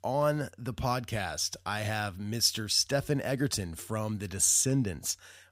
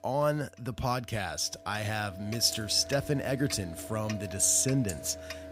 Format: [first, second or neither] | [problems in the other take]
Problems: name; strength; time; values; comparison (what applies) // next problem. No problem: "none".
first | household noises; noticeable; throughout; 15 dB below the speech